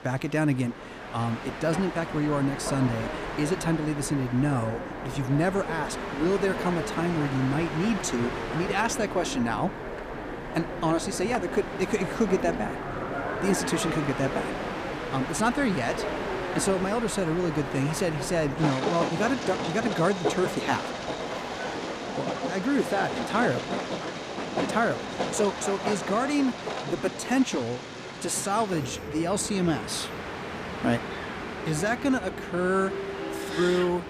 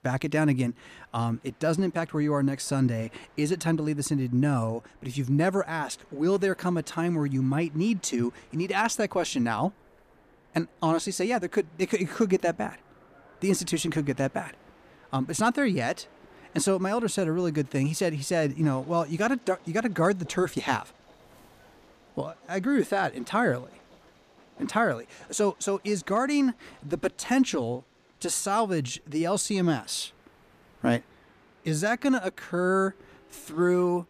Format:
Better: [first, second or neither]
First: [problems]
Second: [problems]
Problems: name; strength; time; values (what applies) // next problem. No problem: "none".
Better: second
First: train or aircraft noise; loud; throughout; 5 dB below the speech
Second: train or aircraft noise; faint; throughout; 30 dB below the speech